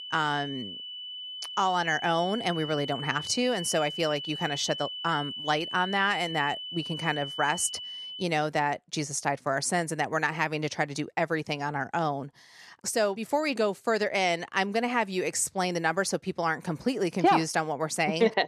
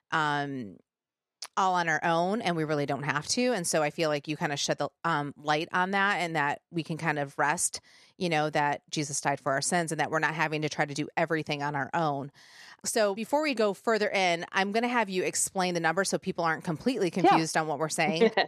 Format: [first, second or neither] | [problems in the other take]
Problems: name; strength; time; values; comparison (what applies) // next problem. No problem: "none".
second | high-pitched whine; loud; until 8 s; 3 kHz, 7 dB below the speech